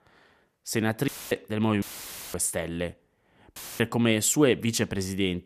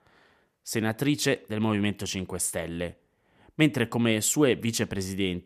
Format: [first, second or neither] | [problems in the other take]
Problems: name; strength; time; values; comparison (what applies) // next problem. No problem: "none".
second | audio cutting out; filled with static; at 1 s, at 2 s for 0.5 s and at 3.5 s